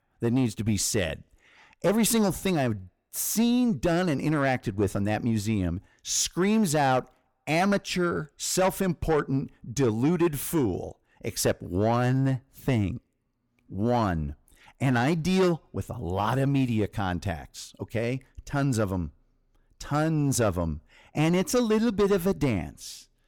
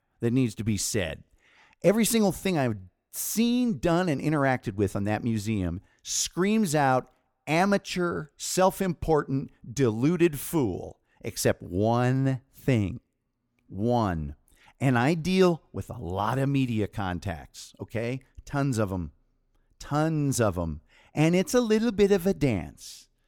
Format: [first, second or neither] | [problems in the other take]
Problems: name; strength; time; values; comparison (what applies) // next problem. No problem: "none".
second | distortion; slight; 10 dB below the speech